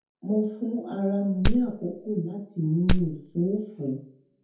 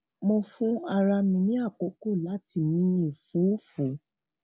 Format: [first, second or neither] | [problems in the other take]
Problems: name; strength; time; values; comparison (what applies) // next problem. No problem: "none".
second | background sound (Wood); 2 dB above the speech // room echo; dies away in 0.5 s